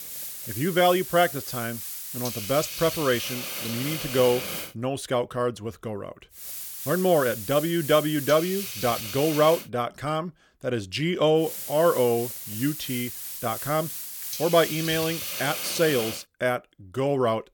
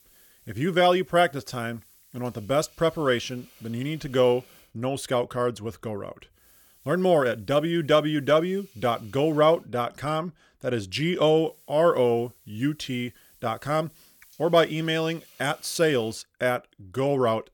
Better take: second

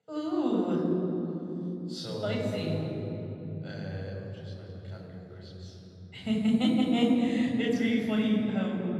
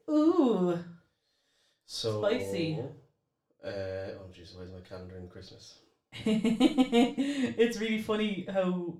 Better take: second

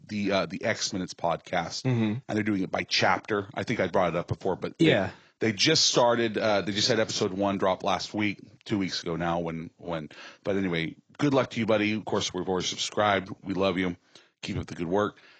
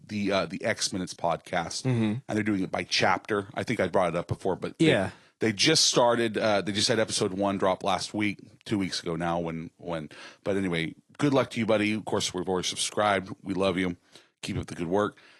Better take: second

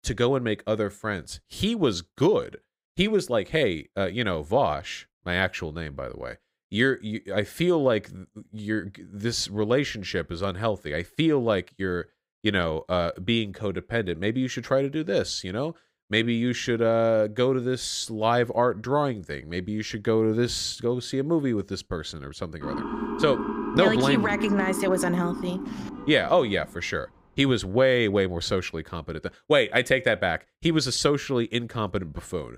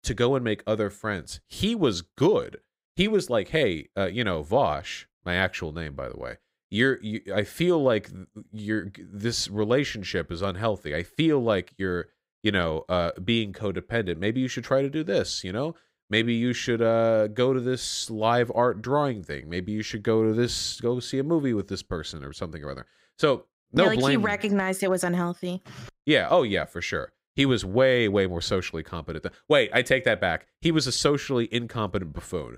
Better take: second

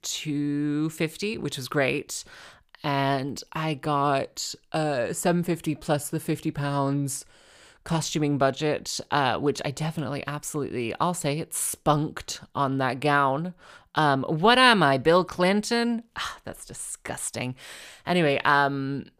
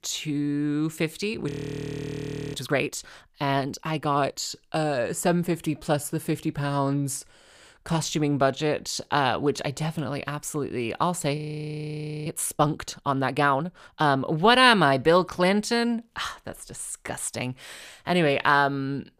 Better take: first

